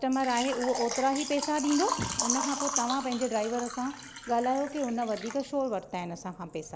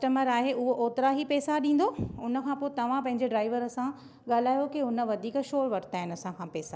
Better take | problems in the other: second | background sound (Water / Liquid); 7 dB below the speech

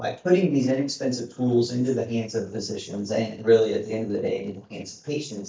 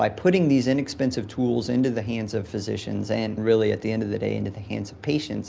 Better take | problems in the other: second | noise reduction (neural mask model DeepFilterNet 3)

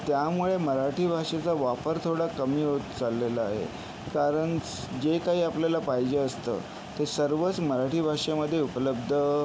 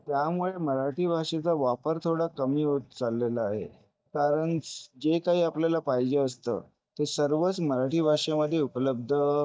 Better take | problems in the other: first | noise reduction (neural mask model DeepFilterNet 3)

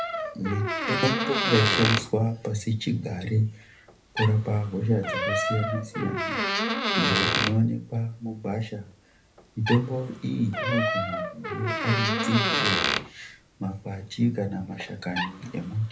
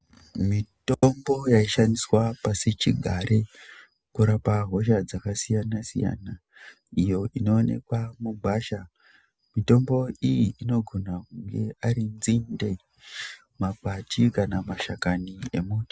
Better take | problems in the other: second | background sound (Door); 2 dB below the speech // room echo; dies away in 0.3 s

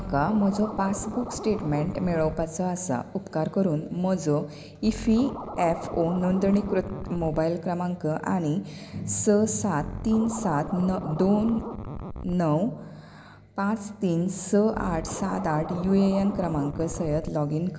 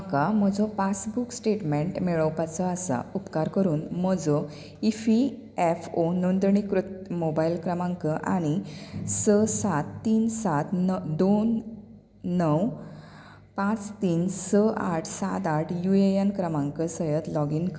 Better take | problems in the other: second | background sound (Scratching (performance technique)); 12 dB below the speech

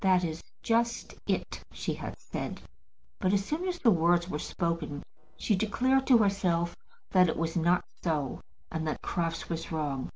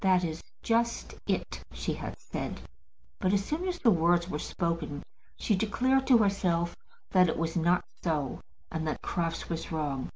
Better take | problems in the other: second | noise reduction (neural separator model SepFormer DNS4)

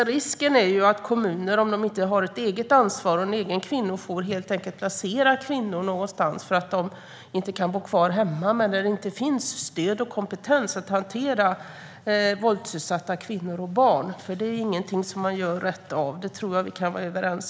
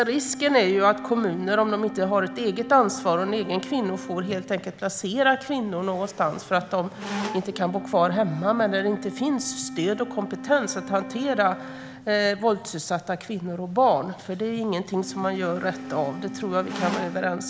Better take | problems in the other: first | background sound (Wind instrument, woodwind instrument + Squeak); 12 dB below the speech

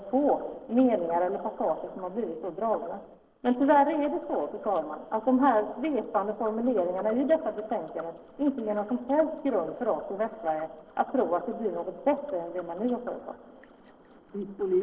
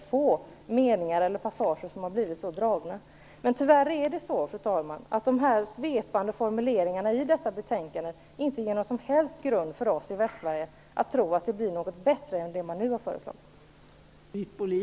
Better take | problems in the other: second | noise reduction (neural separator model SepFormer DNS4)

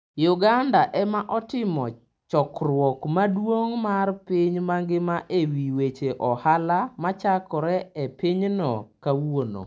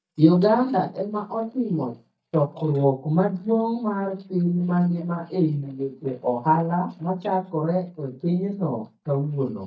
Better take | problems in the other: first | noise reduction (neural mask model DeepFilterNet 3)

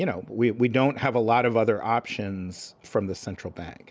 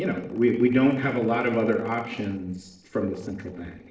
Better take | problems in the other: first | noise reduction (neural separator model SepFormer DNS4)

